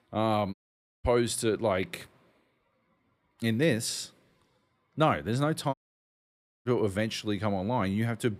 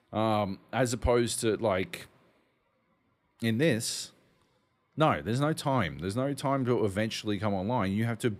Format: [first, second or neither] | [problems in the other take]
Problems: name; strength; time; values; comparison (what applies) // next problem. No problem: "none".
second | audio cutting out; at 0.5 s and at 5.5 s for 1 s